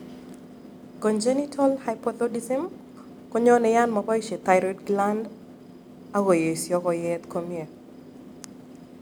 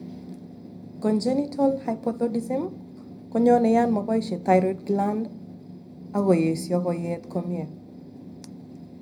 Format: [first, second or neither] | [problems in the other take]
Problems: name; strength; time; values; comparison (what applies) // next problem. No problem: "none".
first | room echo; dies away in 0.4 s